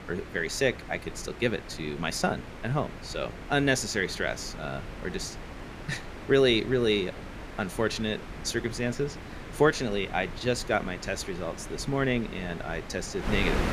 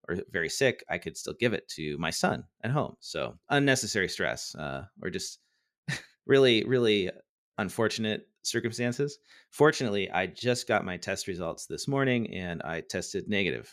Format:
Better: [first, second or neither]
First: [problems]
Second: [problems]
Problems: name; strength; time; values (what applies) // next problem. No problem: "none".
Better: second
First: wind noise on the microphone; occasional gusts; 10 dB below the speech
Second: none